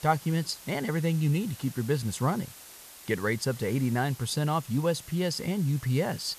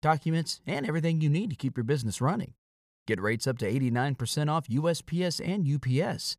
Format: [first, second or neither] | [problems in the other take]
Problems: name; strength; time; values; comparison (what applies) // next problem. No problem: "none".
second | hiss; noticeable; throughout; 15 dB below the speech